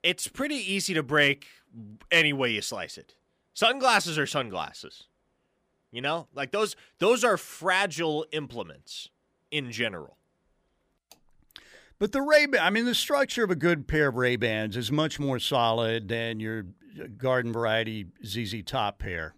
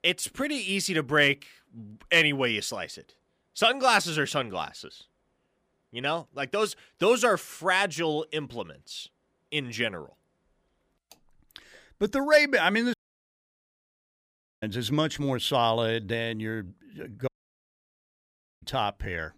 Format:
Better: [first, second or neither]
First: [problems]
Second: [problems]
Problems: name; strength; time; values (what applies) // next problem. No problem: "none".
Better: first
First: none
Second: audio cutting out; at 13 s for 1.5 s and at 17 s for 1.5 s